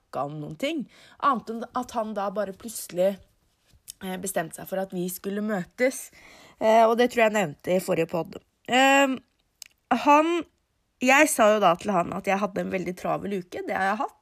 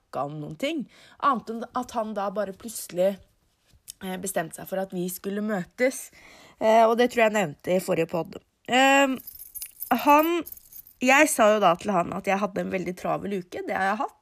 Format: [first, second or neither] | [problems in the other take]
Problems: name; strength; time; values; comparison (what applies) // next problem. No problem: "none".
first | jangling keys; faint; from 9 to 11 s; peak 10 dB below the speech